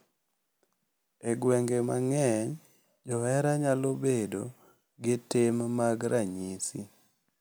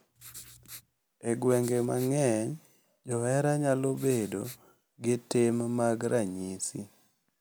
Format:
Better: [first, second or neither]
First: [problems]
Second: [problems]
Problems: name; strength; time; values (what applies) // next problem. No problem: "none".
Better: first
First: none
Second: background sound (Writing); 19 dB below the speech